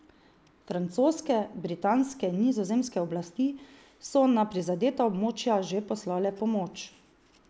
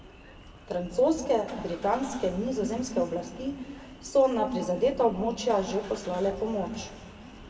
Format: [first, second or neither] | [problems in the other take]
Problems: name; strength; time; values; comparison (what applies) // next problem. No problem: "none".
first | background sound (Engine starting / Car); 18 dB below the speech // room echo; dies away in 1.4 s